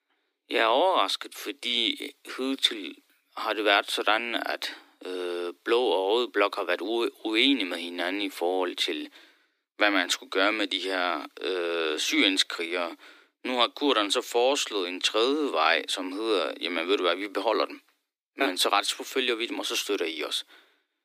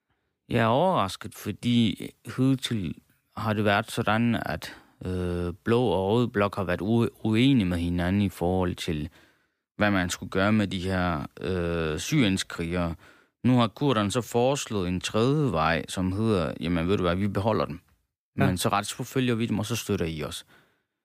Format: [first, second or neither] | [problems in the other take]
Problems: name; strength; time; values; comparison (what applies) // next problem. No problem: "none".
second | thin; somewhat; fading below 300 Hz